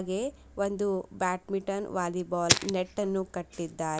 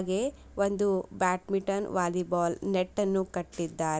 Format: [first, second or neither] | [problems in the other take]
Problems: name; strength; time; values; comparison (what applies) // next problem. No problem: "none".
second | background sound (Fire); 1 dB below the speech